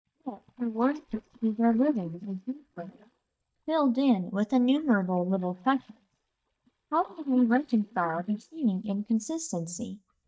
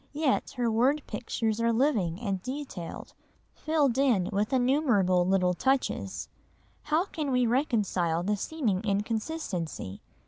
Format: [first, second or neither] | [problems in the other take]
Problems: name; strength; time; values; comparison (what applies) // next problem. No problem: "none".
second | noise reduction (neural mask model DeepFilterNet 3)